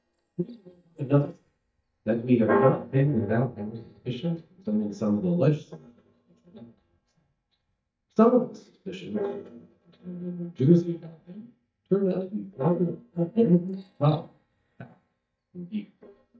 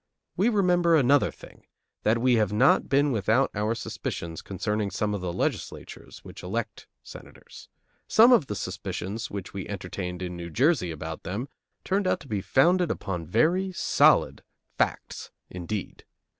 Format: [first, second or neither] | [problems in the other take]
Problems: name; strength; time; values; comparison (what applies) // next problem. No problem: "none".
second | noise reduction (neural mask model DeepFilterNet 3)